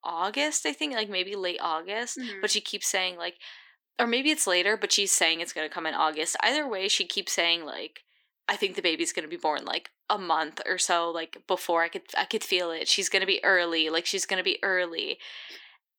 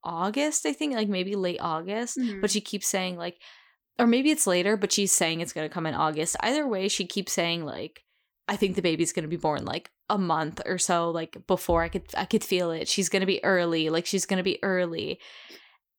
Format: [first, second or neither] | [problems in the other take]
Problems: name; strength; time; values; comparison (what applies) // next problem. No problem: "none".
second | thin; somewhat; fading below 300 Hz